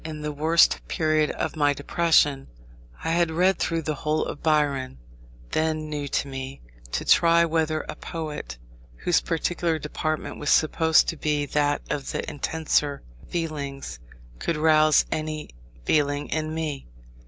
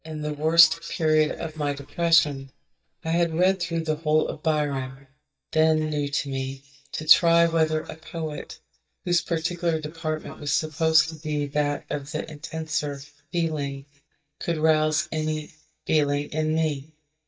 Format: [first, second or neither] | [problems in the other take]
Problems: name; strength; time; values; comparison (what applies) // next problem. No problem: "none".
first | noise reduction (neural mask model DeepFilterNet 3)